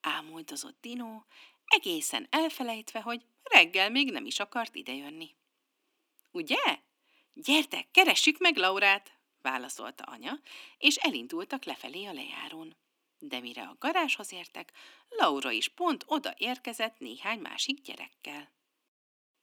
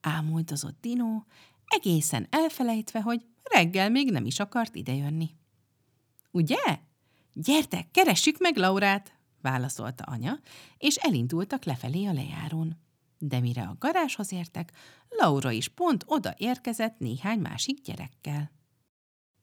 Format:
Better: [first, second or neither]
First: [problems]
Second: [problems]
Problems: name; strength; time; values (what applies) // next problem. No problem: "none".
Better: second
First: thin; somewhat; fading below 300 Hz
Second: none